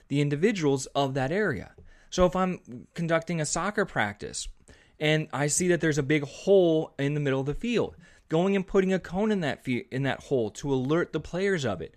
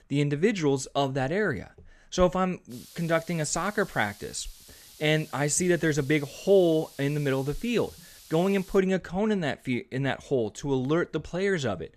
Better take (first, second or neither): first